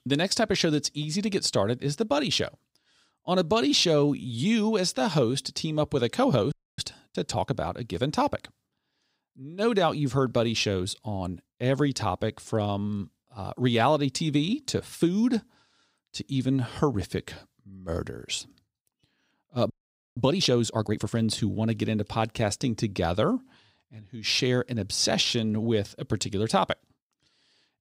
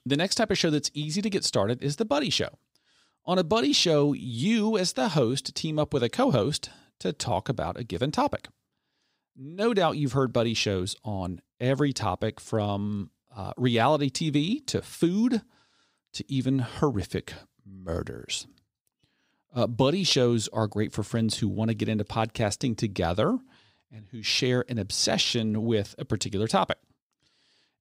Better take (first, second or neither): second